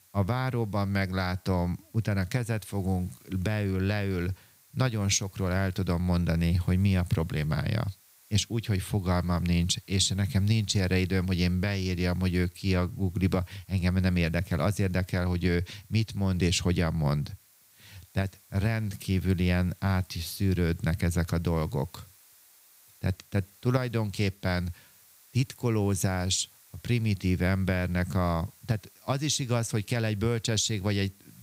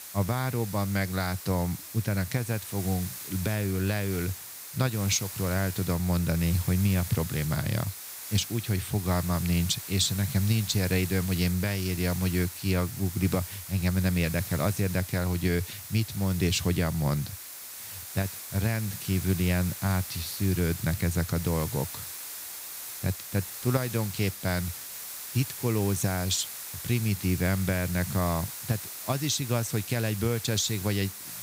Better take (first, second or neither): first